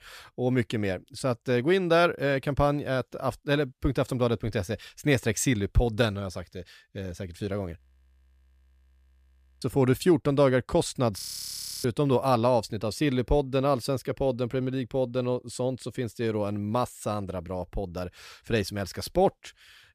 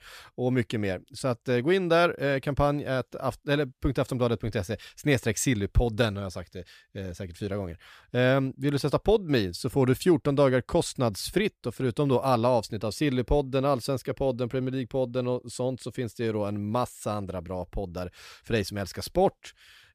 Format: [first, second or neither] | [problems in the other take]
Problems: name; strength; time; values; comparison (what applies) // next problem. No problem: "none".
second | audio freezing; at 8 s for 2 s and at 11 s for 0.5 s